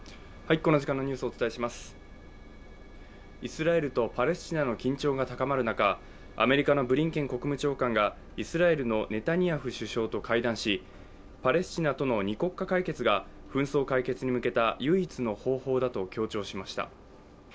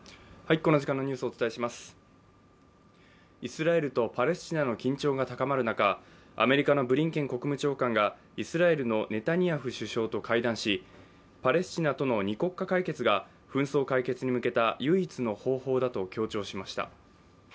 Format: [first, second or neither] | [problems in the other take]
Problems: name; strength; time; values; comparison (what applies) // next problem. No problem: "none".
second | background sound (Engine); 19 dB below the speech